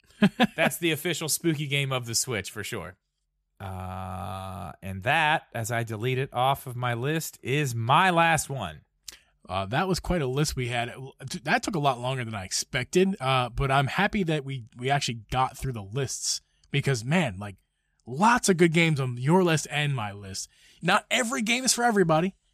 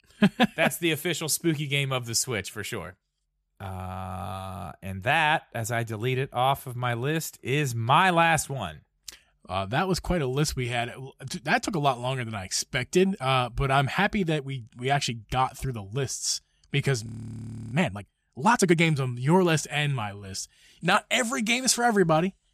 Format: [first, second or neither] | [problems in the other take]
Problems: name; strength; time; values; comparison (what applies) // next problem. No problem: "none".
first | audio freezing; at 17 s for 0.5 s